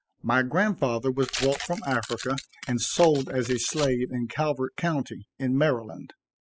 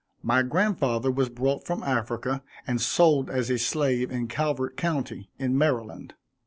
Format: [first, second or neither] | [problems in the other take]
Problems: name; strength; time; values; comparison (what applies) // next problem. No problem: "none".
second | noise reduction (classical method spectral subtraction)